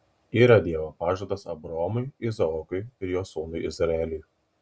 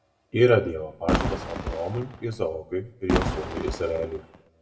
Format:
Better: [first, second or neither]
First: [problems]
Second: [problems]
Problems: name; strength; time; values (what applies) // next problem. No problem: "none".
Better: first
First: none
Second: background sound (Fireworks); 2 dB below the speech // room echo; dies away in 0.6 s